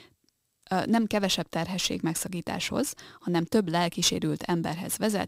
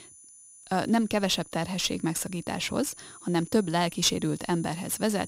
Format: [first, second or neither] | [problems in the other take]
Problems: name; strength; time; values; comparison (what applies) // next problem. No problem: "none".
first | high-pitched whine; noticeable; throughout; 10 kHz, 20 dB below the speech